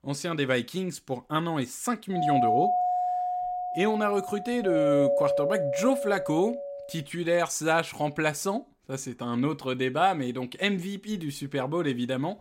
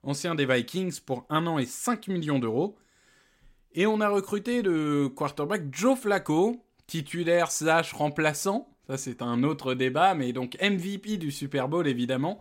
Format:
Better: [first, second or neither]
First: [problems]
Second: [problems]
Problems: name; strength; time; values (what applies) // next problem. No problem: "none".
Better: second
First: doorbell; loud; from 2 to 7 s; peak 5 dB above the speech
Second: none